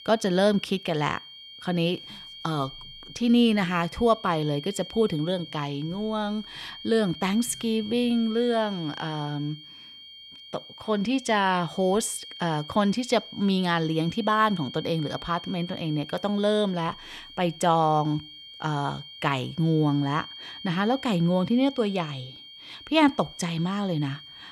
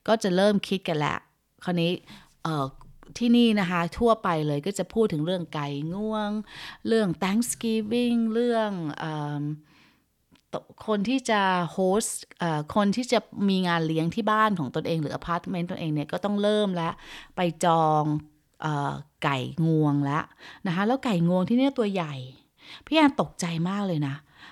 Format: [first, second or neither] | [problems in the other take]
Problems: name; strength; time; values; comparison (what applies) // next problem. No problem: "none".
second | high-pitched whine; noticeable; throughout; 3 kHz, 15 dB below the speech